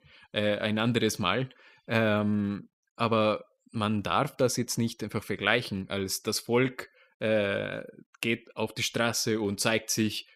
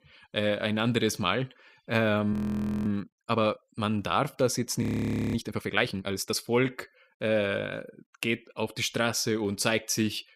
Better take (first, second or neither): first